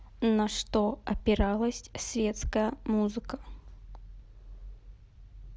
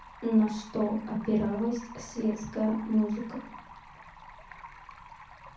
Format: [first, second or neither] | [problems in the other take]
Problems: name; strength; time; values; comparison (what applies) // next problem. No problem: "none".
first | background sound (Stream); 18 dB below the speech // room echo; dies away in 0.6 s